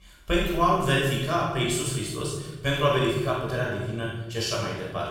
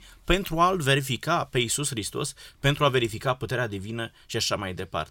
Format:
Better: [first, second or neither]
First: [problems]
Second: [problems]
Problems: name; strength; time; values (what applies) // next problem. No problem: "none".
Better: second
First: off-mic speech; far // room echo; strong; dies away in 1.1 s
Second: none